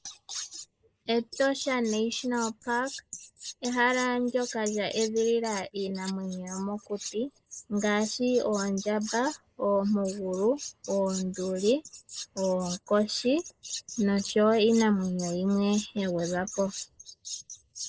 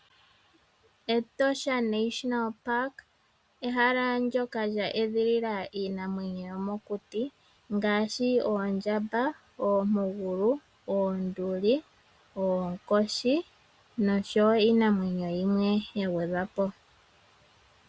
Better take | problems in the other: second | noise reduction (neural mask model Resemble Enhance denoiser)

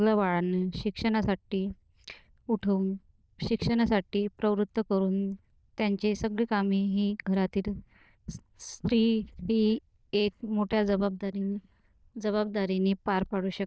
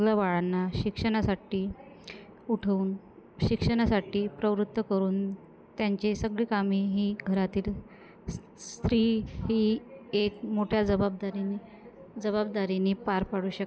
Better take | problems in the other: second | noise reduction (neural diffusion model UNIVERSE++)

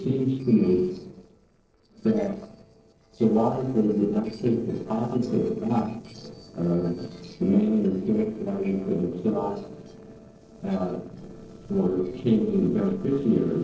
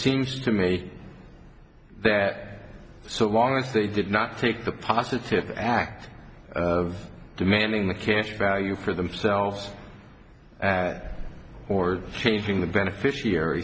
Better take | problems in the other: second | noise reduction (neural separator model SepFormer DNS4)

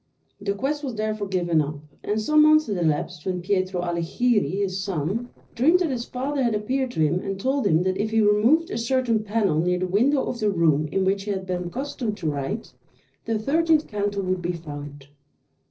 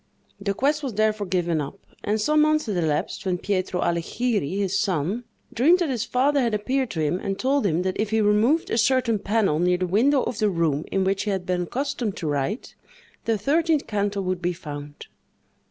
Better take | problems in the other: second | noise reduction (neural separator model SepFormer DNS4)

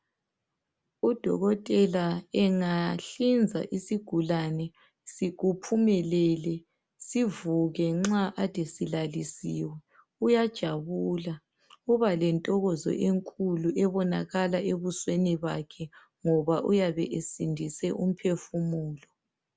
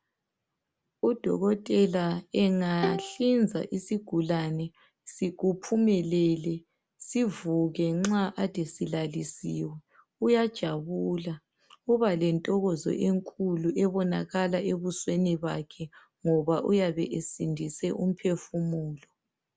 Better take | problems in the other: first | background sound (Bowed string instrument); 8 dB below the speech

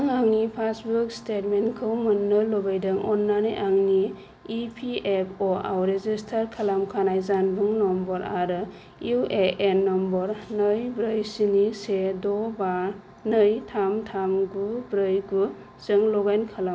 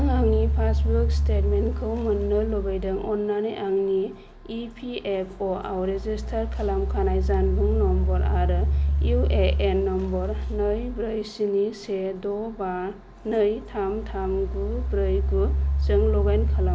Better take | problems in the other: first | background sound (Engine); 1 dB above the speech

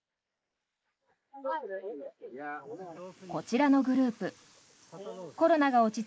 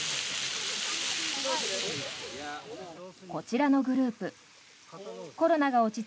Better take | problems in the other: second | noise reduction (neural mask model Resemble Enhance denoiser)

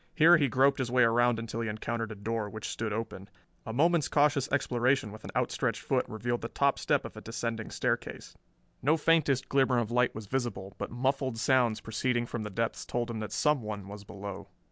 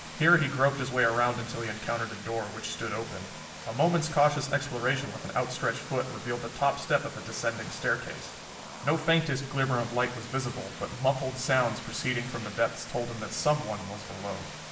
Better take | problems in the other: first | background sound (Vehicle); 12 dB below the speech // room echo; dies away in 0.7 s

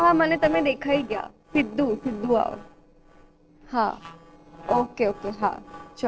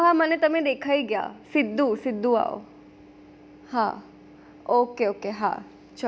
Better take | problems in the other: second | noise reduction (neural separator model SepFormer DNS4)

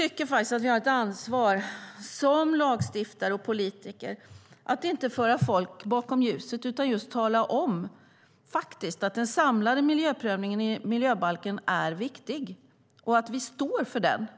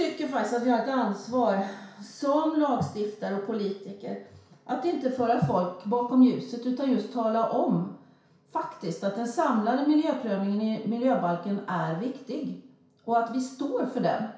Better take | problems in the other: first | room echo; dies away in 0.6 s

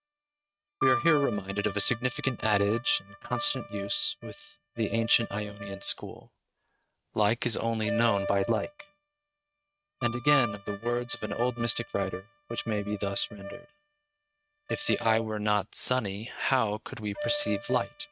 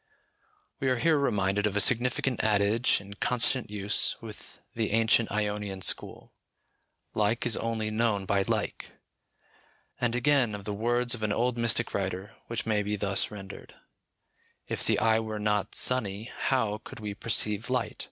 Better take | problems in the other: second | noise reduction (neural mask model RNNoise)

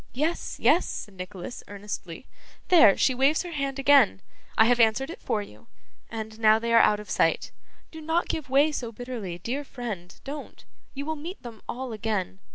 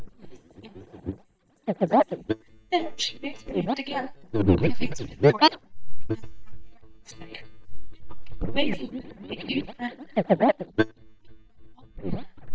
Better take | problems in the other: first | noise reduction (neural mask model DeepFilterNet 3)

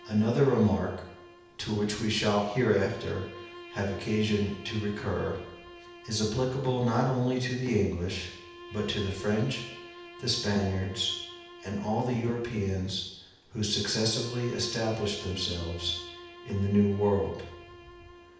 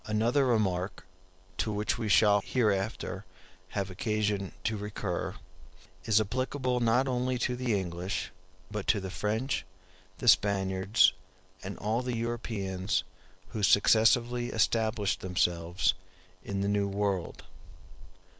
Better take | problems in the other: second | background sound (Bowed string instrument); 18 dB below the speech // room echo; dies away in 0.8 s

